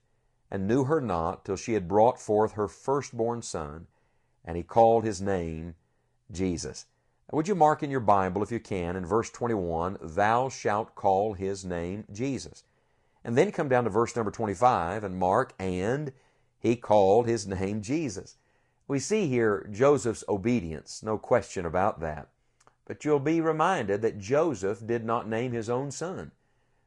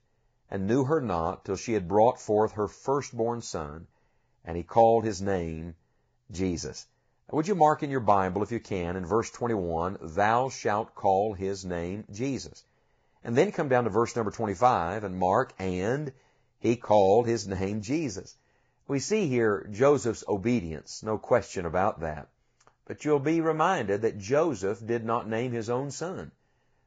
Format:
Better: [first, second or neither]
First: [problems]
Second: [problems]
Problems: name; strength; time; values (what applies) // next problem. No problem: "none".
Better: first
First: garbled, watery; slightly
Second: garbled, watery; badly; nothing above 7.5 kHz